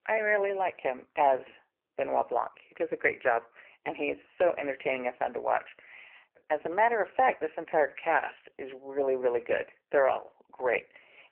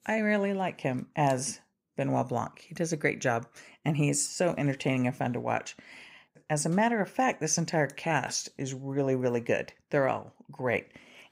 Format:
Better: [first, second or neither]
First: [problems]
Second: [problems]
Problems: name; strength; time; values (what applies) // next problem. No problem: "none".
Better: second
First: phone-call audio; poor line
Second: none